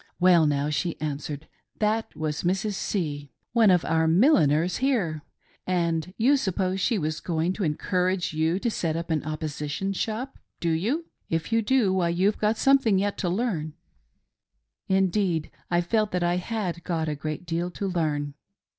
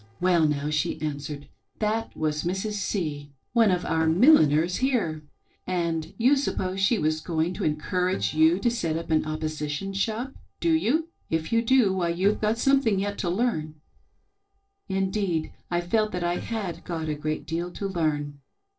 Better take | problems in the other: first | noise reduction (neural separator model SepFormer DNS4)

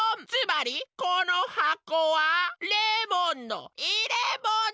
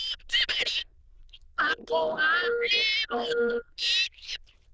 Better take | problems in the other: first | noise reduction (neural diffusion model UNIVERSE++)

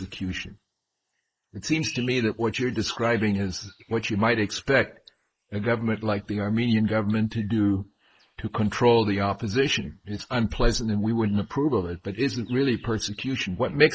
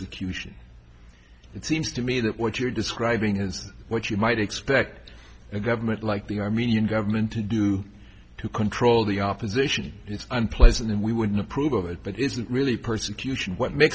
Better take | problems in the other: second | noise reduction (neural mask model Resemble Enhance denoiser)

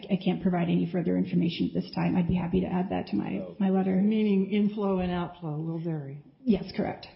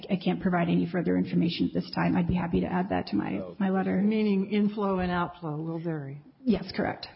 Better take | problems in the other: second | room echo; dies away in 0.5 s

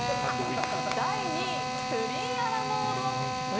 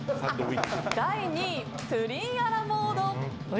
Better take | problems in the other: second | background sound (Drill); 1 dB above the speech

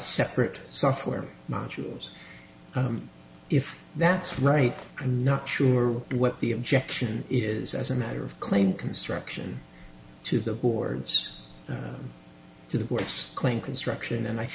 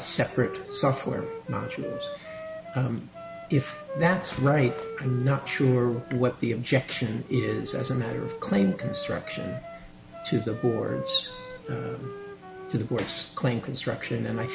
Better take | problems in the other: first | background sound (Wind instrument, woodwind instrument); 11 dB below the speech

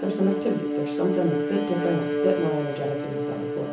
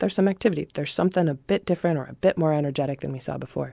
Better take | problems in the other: second | background sound (Bowed string instrument); as loud as the speech // room echo; dies away in 0.8 s

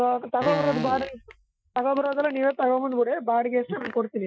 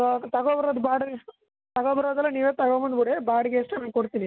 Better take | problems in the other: second | noise reduction (classical method Wiener filter)

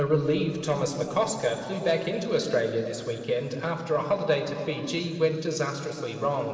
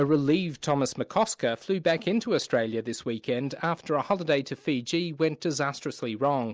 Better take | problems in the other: second | room echo; dies away in 2.8 s

